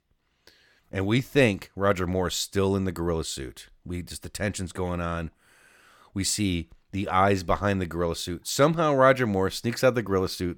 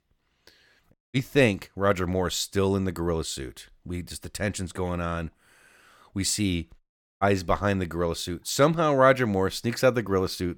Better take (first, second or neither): first